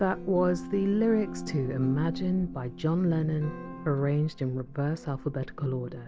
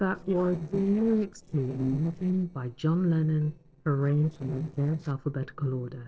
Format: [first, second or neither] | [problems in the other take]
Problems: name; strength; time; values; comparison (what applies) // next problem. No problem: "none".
first | noise reduction (neural separator model SepFormer DNS4)